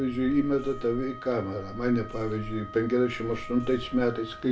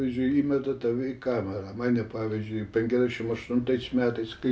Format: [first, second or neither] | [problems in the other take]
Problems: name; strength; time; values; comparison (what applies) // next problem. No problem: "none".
second | background sound (Wind instrument, woodwind instrument + Meow); 12 dB below the speech